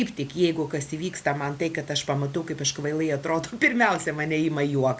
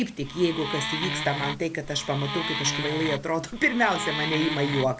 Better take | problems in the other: first | background sound (Wood); 5 dB below the speech

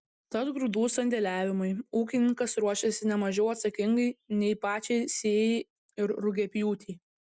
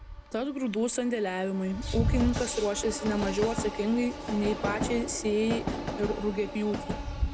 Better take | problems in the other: first | background sound (Train); 4 dB below the speech

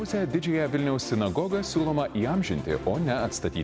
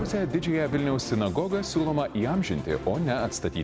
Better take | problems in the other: first | background sound (Thunder); 15 dB below the speech

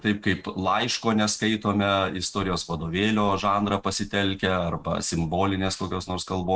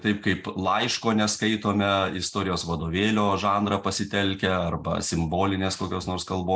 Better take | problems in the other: second | noise reduction (neural mask model RNNoise)

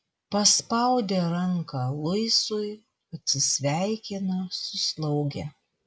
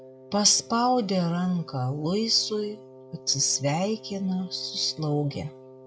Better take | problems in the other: first | background sound (Wind instrument, woodwind instrument); 20 dB below the speech

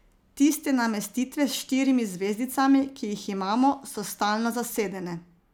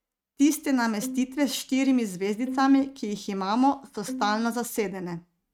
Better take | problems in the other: first | noise reduction (neural mask model RNNoise)

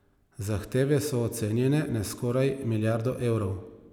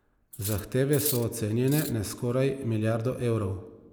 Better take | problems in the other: first | noise reduction (neural mask model Resemble Enhance denoiser)

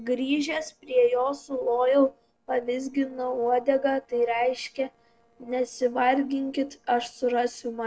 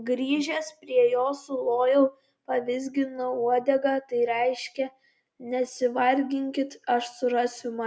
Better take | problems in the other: second | noise reduction (neural separator model SepFormer DNS4)

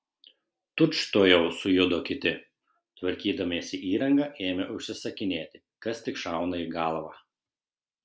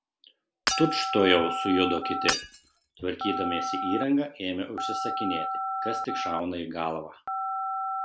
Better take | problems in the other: first | background sound (Shatter / Hammer + Telephone); 2 dB below the speech

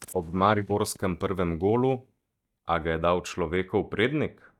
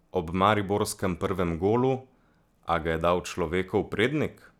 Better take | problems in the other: second | noise reduction (neural mask model DeepFilterNet 3)

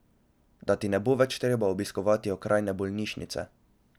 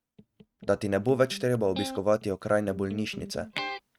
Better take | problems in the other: first | noise reduction (neural mask model RNNoise)

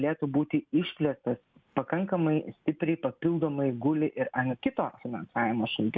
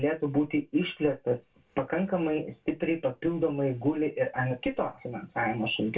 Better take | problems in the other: first | room echo; dies away in 0.2 s

